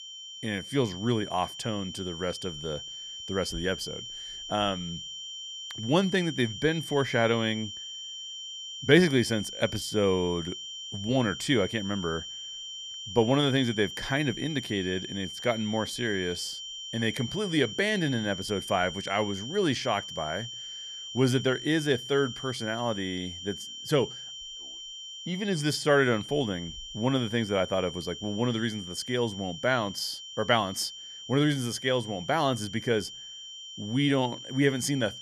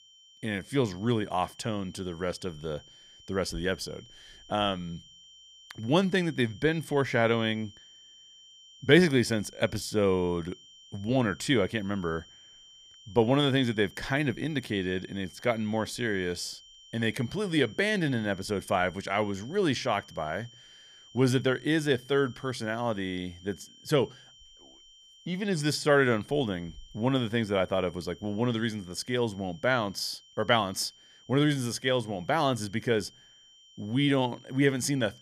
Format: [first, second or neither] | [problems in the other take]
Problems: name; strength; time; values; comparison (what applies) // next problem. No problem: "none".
second | high-pitched whine; loud; throughout; 3 kHz, 9 dB below the speech; faint in the second